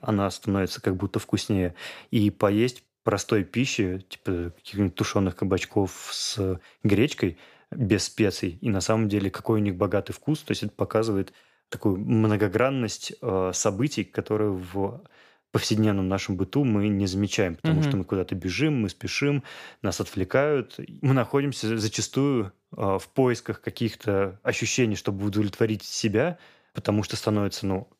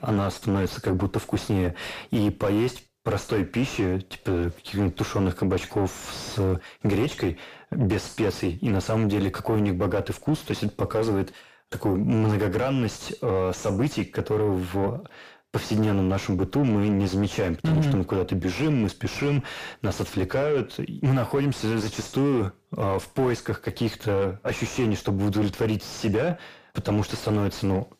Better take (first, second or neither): first